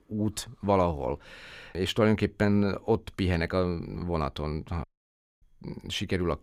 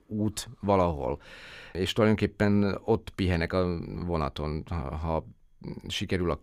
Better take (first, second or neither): second